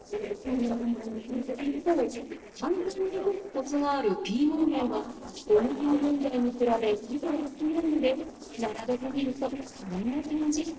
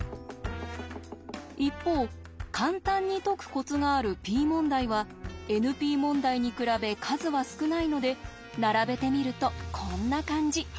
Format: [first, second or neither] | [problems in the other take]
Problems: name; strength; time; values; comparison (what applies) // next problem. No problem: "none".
second | noise reduction (neural separator model SepFormer DNS4)